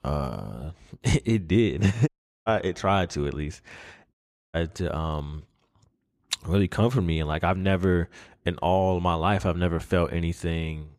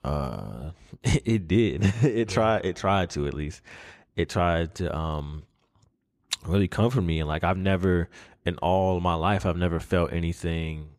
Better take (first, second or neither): second